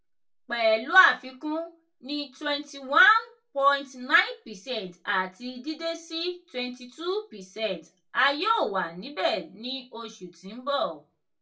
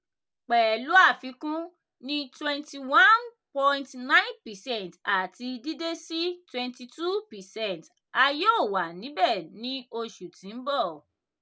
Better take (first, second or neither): second